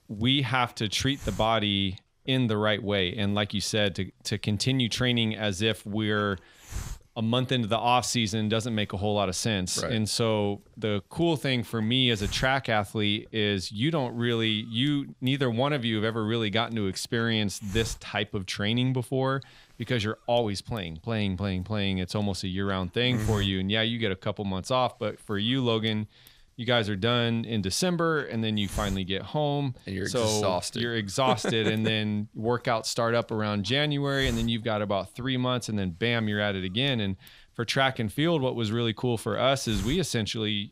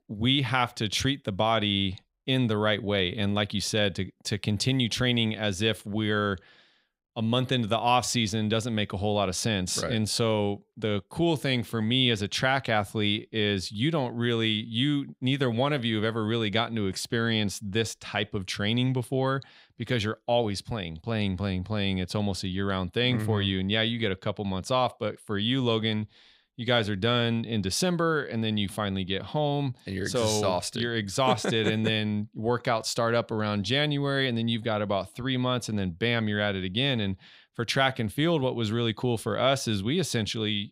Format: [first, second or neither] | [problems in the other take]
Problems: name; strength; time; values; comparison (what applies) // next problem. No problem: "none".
second | hiss; noticeable; throughout; 20 dB below the speech